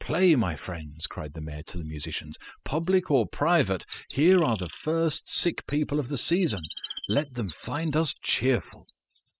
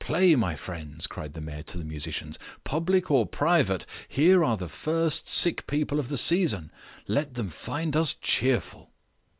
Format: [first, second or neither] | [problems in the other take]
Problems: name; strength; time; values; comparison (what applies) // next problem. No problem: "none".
second | noise reduction (classical method spectral subtraction)